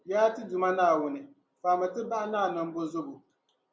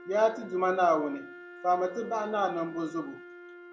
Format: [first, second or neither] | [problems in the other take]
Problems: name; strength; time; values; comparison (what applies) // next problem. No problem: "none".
first | background sound (Wind instrument, woodwind instrument); 17 dB below the speech